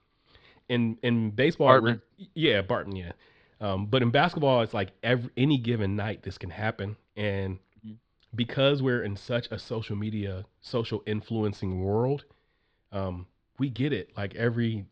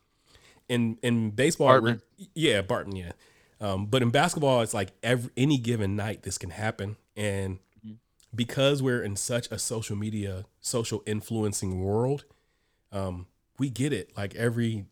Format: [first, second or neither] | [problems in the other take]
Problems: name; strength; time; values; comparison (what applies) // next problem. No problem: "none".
second | muffled; slightly; fading above 4 kHz